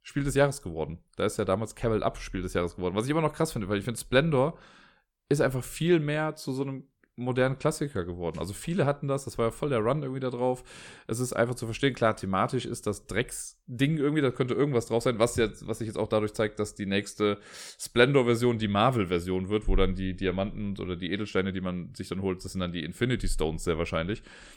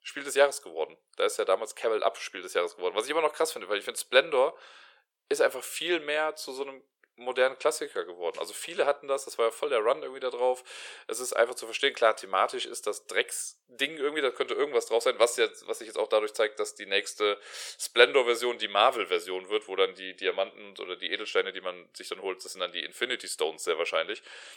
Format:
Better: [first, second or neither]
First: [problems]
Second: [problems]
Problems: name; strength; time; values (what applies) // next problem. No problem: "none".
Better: first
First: none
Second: thin; very; fading below 450 Hz